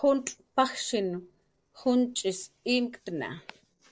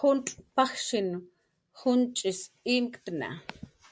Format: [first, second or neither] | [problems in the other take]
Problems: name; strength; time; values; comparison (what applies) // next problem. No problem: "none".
second | noise reduction (neural separator model SepFormer DNS4)